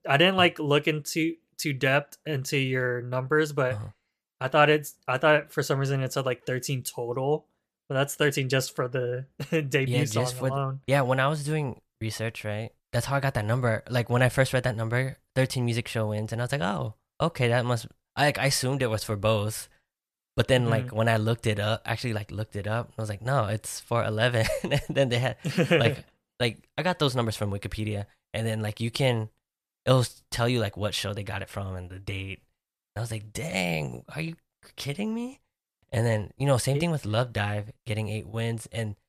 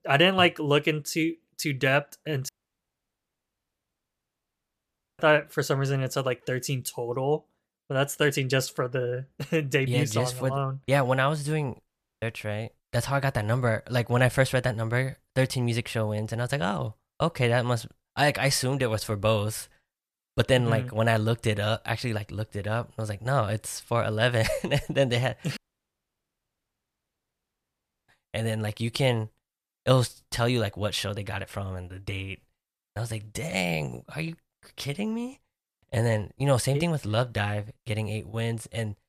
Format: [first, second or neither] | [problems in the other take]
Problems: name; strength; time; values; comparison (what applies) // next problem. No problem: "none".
first | audio cutting out; at 2.5 s for 2.5 s, at 12 s and at 26 s for 2.5 s